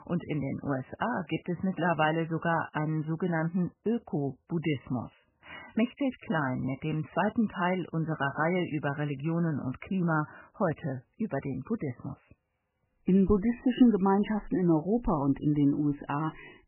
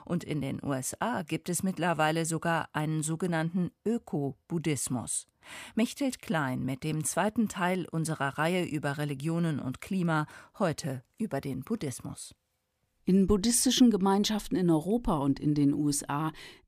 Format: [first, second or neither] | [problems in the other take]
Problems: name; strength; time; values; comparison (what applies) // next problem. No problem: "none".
second | garbled, watery; badly; nothing above 3 kHz